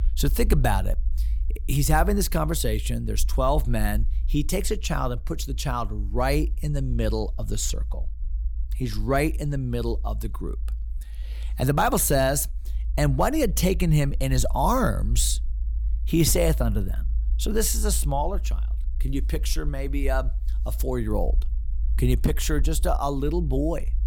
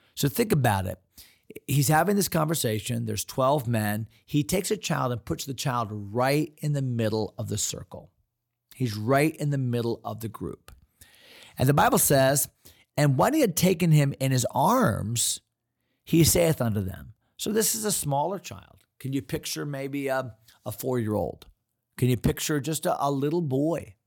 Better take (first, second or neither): second